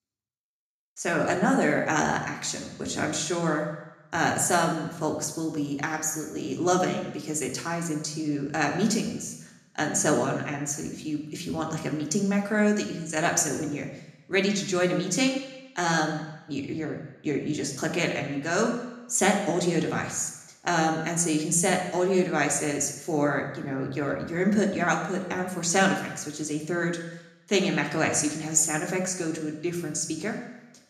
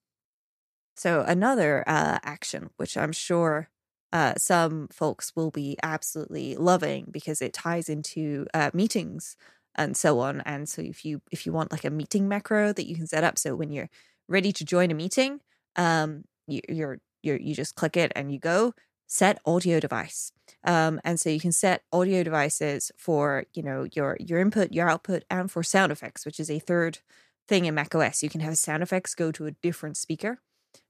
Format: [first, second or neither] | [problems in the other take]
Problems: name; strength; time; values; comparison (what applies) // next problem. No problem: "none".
second | room echo; slight; dies away in 0.8 s // off-mic speech; somewhat distant